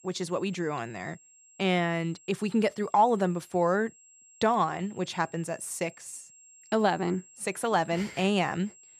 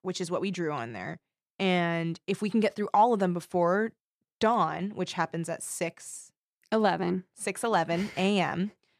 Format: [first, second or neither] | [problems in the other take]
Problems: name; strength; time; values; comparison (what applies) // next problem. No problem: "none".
second | high-pitched whine; faint; throughout; 7.5 kHz, 25 dB below the speech